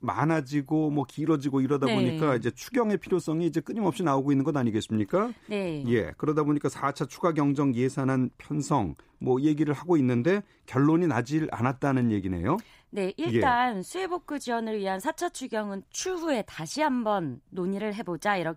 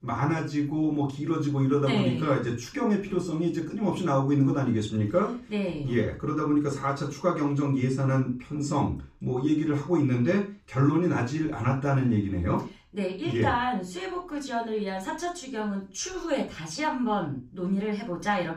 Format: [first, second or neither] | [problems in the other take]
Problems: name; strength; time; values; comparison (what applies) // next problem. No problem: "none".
first | room echo; slight; dies away in 0.3 s // off-mic speech; far